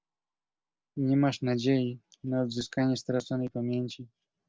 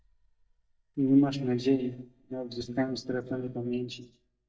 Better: first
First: none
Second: noise reduction (neural mask model DeepFilterNet 3)

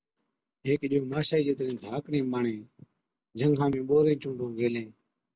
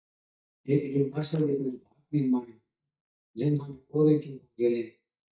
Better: first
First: none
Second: noise reduction (neural mask model DeepFilterNet 3)

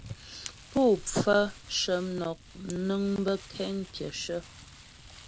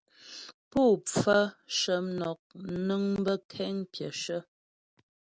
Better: second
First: background sound (Fire + Crumpling, crinkling); 17 dB below the speech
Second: none

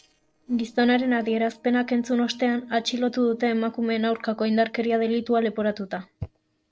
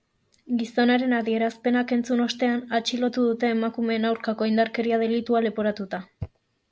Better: second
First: noise reduction (neural separator model SepFormer DNS4)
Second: none

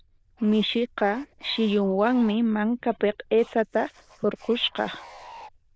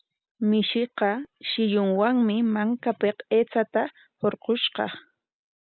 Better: second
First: noise reduction (neural diffusion model UNIVERSE++)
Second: none

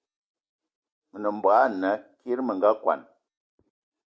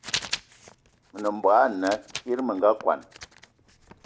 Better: first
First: none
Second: background sound (Writing); 12 dB below the speech

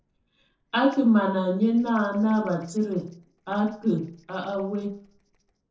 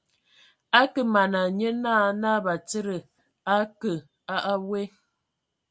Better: second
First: noise reduction (neural separator model SepFormer DNS4)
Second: none

